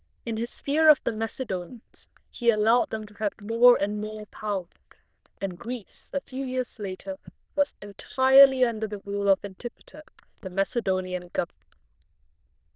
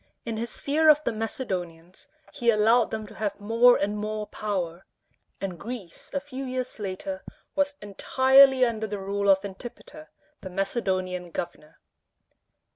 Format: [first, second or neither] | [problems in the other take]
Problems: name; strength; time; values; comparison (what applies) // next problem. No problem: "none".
second | noise reduction (neural diffusion model UNIVERSE++)